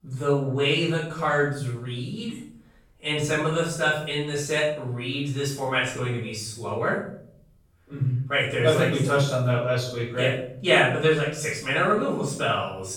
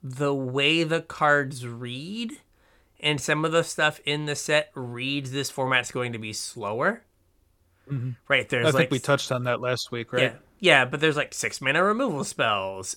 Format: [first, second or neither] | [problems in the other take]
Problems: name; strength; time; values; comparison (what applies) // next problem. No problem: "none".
second | off-mic speech; far // room echo; noticeable; dies away in 0.6 s